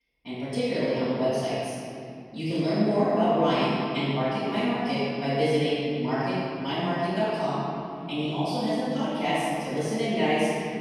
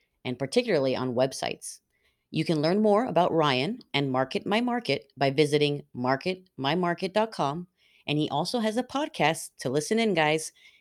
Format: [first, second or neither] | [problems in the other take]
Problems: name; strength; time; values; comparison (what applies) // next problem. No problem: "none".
second | room echo; strong; dies away in 2.5 s // off-mic speech; far